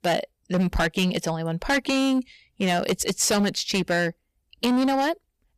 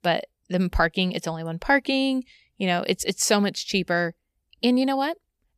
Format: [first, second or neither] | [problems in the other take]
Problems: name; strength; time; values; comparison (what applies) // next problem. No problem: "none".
second | distortion; heavy; 14% of the sound clipped